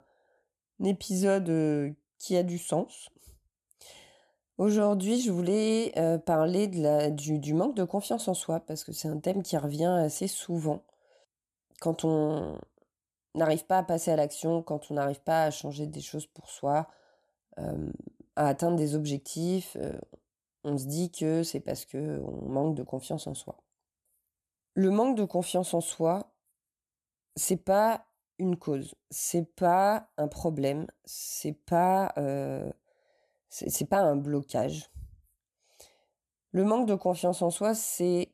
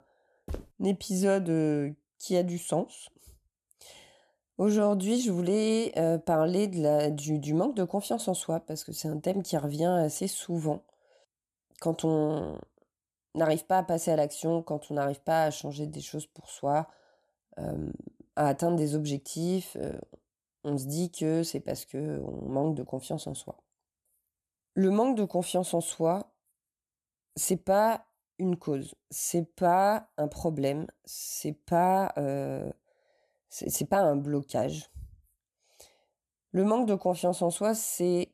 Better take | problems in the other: first | footsteps; faint; at 0.5 s; peak 15 dB below the speech

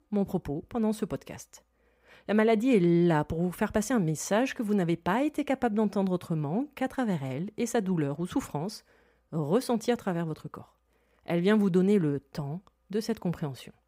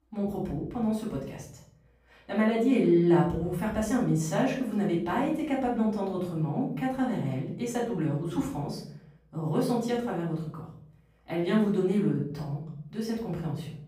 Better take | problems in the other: first | off-mic speech; far // room echo; noticeable; dies away in 0.6 s

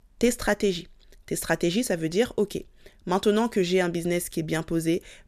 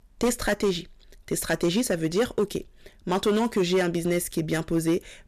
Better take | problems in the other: first | distortion; slight; 6% of the sound clipped

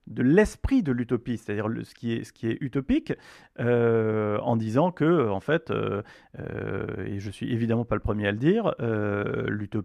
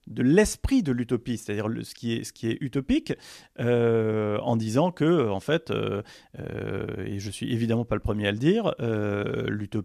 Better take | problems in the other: second | muffled; slightly; fading above 3 kHz

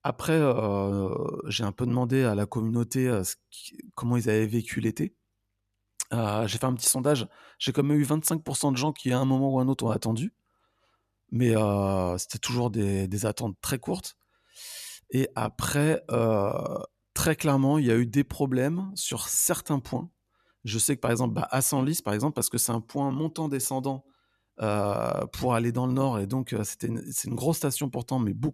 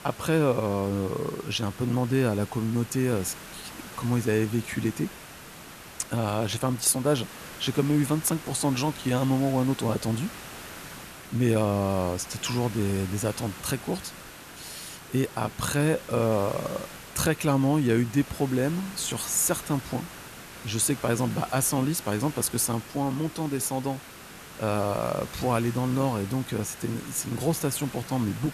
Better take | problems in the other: first | hiss; noticeable; throughout; 15 dB below the speech

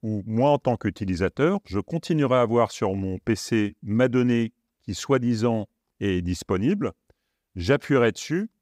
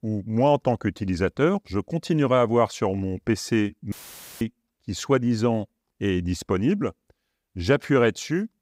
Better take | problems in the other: first | audio cutting out; filled with static; at 4 s

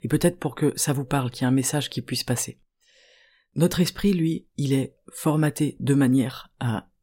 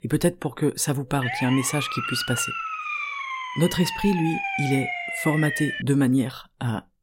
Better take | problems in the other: first | siren; noticeable; from 1 to 6 s; peak 2 dB below the speech

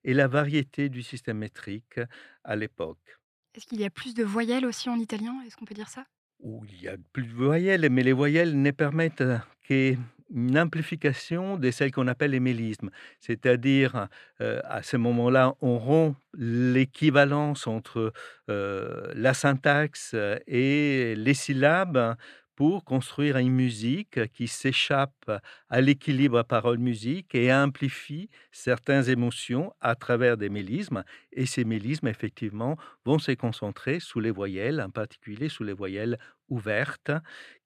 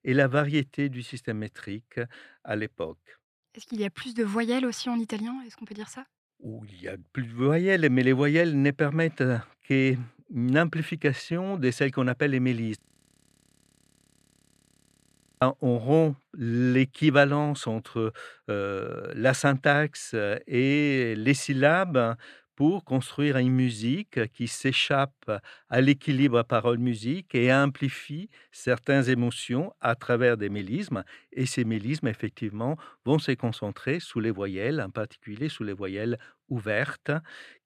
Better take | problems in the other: first | audio freezing; at 13 s for 2.5 s

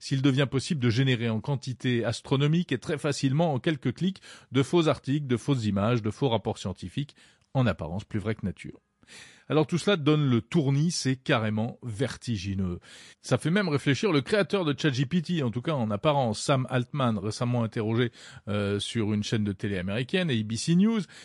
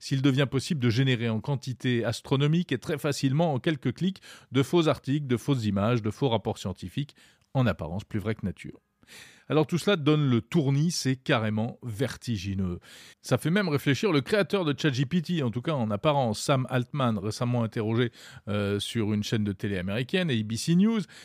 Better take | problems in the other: second | garbled, watery; slightly; nothing above 11 kHz

